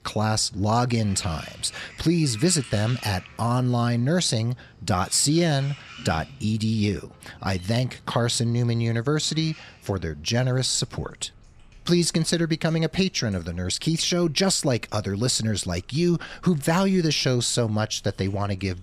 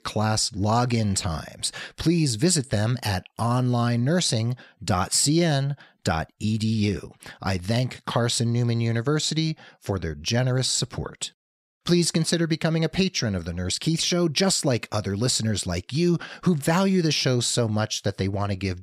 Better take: second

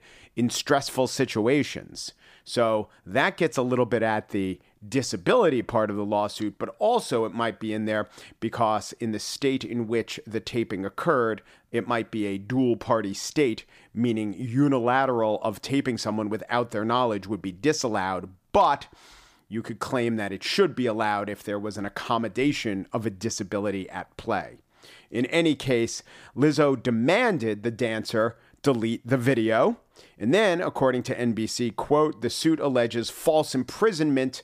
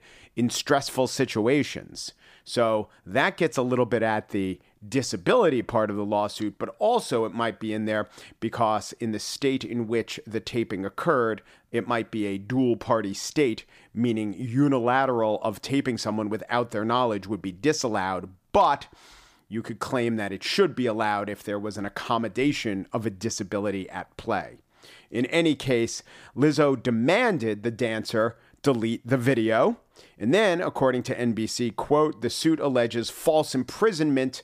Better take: neither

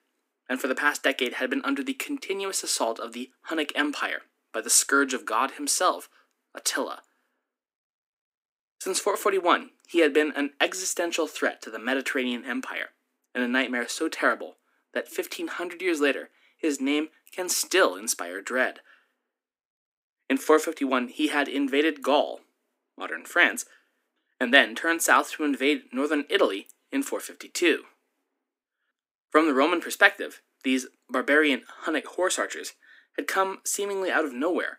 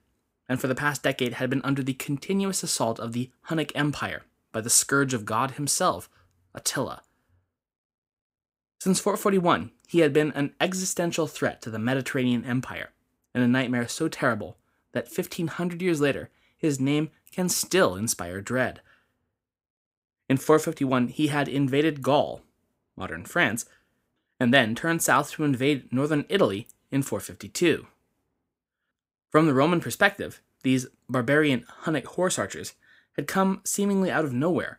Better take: second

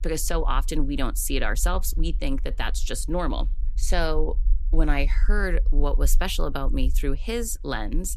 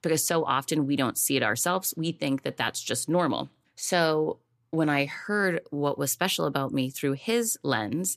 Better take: second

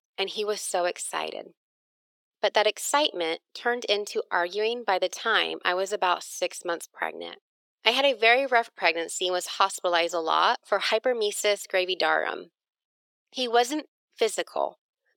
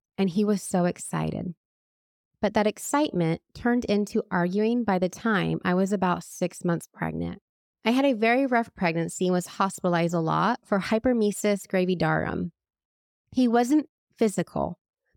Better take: second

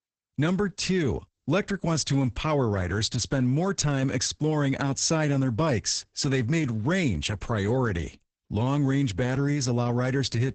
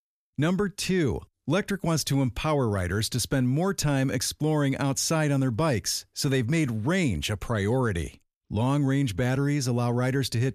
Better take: second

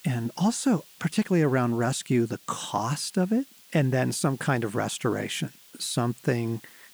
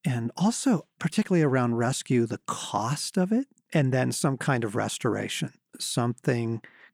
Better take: second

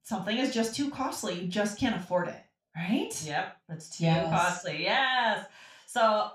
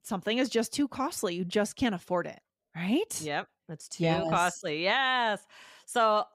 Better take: second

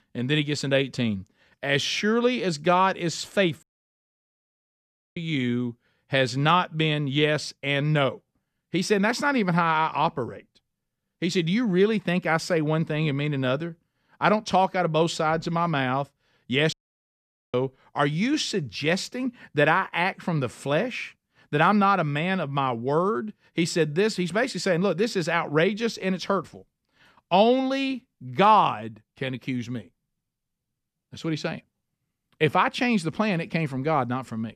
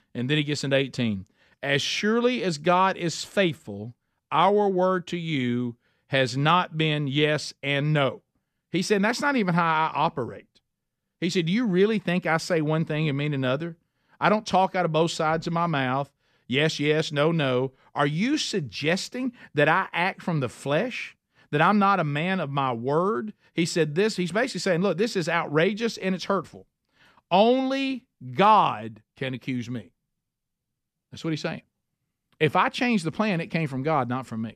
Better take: second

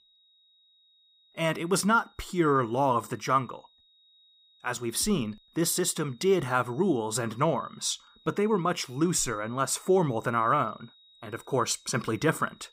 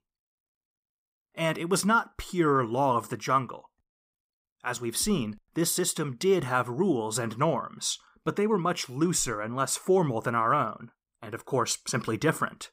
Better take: second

